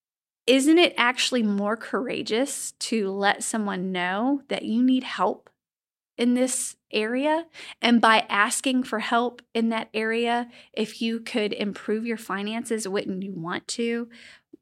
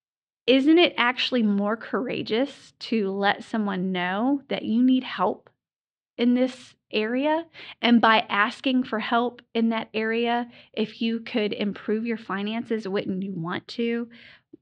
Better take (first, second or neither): first